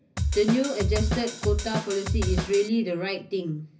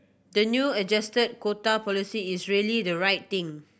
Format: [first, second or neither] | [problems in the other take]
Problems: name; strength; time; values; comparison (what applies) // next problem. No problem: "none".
second | background sound (Drum kit); as loud as the speech // room echo; dies away in 0.4 s